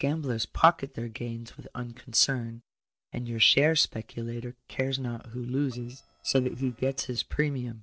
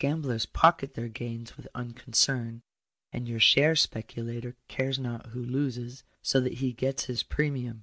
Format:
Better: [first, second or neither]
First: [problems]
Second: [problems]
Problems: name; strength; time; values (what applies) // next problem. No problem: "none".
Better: second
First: noise reduction (neural separator model SepFormer DNS4)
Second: none